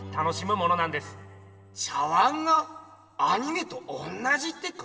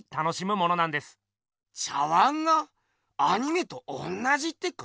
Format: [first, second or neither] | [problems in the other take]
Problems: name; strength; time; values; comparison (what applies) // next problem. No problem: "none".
second | background sound (Bowed string instrument); 18 dB below the speech // room echo; dies away in 2.1 s